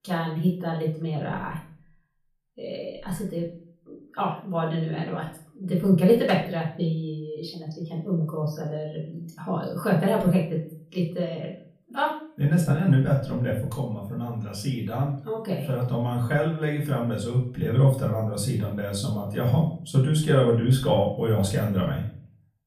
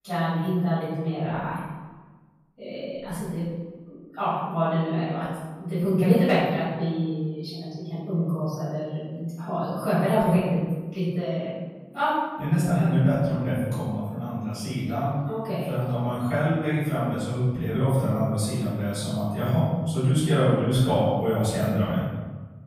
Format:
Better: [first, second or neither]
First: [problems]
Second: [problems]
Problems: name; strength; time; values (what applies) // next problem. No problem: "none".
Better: first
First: room echo; slight; dies away in 0.4 s // off-mic speech; far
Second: room echo; strong; dies away in 1.1 s // off-mic speech; far